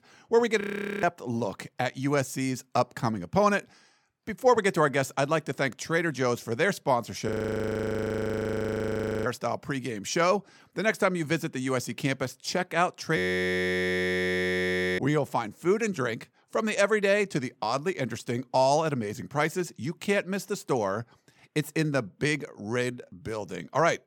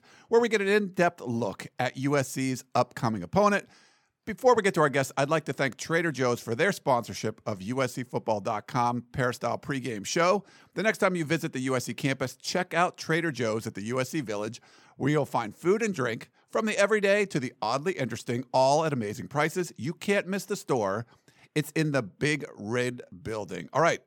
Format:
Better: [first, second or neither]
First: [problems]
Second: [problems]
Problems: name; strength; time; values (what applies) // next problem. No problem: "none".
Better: second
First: audio freezing; at 0.5 s, at 7.5 s for 2 s and at 13 s for 2 s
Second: none